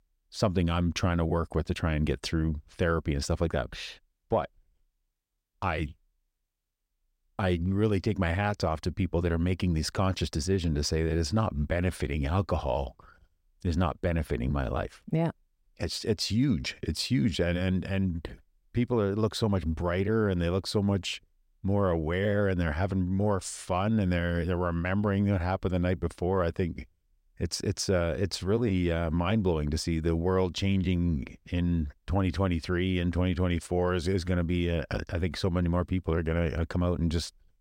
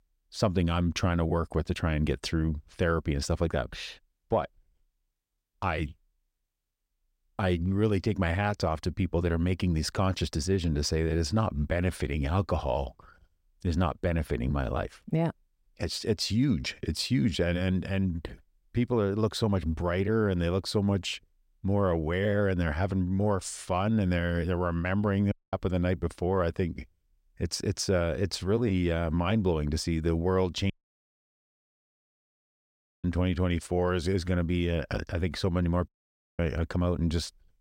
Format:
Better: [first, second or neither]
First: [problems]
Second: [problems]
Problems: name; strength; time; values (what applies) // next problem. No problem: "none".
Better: first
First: none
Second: audio cutting out; at 25 s, at 31 s for 2.5 s and at 36 s for 0.5 s